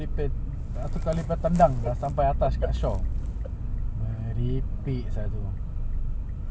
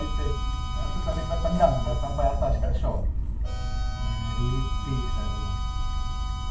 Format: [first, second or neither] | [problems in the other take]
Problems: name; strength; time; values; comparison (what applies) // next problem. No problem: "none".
first | background sound (Harmonica); 15 dB below the speech // room echo; dies away in 0.3 s